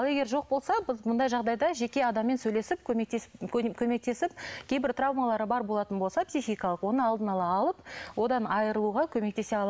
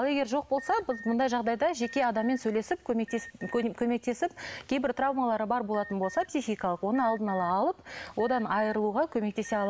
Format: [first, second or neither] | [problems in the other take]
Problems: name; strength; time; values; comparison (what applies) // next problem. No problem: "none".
first | background sound (Alarm); 20 dB below the speech